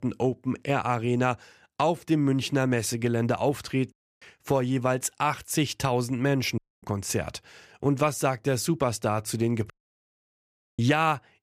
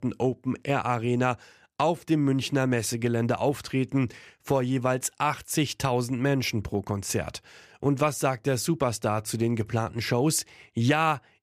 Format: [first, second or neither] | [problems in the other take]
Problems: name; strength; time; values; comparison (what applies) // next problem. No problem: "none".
second | audio cutting out; at 4 s, at 6.5 s and at 9.5 s for 1 s